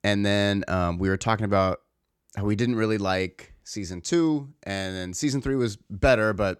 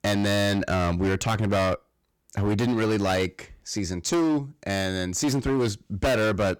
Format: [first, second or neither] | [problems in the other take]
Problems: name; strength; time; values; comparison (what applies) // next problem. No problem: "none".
first | distortion; heavy; 22% of the sound clipped